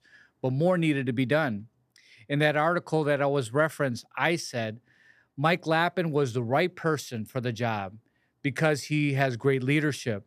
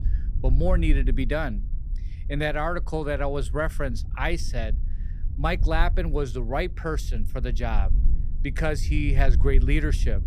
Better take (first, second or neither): first